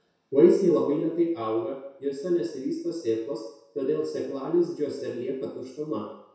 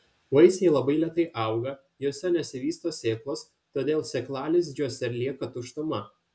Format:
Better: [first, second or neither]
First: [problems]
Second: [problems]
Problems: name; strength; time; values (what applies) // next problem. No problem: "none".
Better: second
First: room echo; dies away in 0.7 s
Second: none